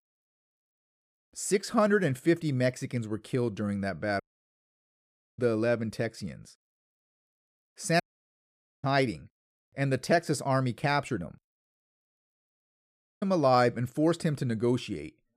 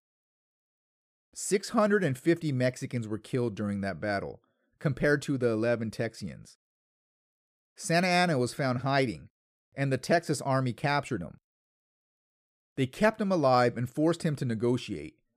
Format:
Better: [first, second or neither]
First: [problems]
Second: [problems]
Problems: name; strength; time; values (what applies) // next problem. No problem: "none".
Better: second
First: audio cutting out; at 4 s for 1 s, at 8 s for 1 s and at 13 s for 0.5 s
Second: none